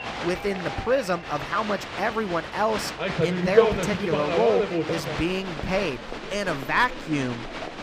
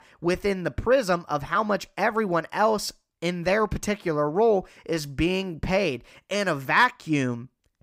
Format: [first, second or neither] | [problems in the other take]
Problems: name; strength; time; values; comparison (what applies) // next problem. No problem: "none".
second | crowd noise; loud; throughout; 2 dB below the speech